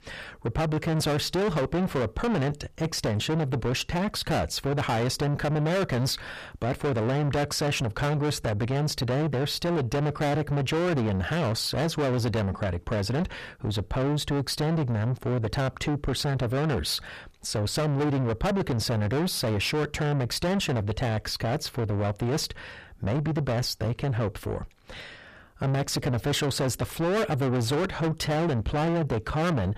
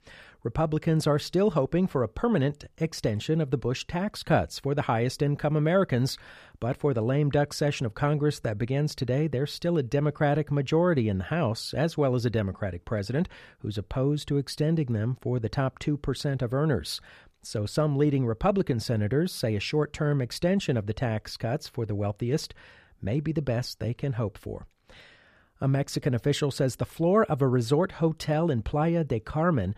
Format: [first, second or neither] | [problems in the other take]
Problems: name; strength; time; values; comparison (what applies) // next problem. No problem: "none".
second | distortion; heavy; 6 dB below the speech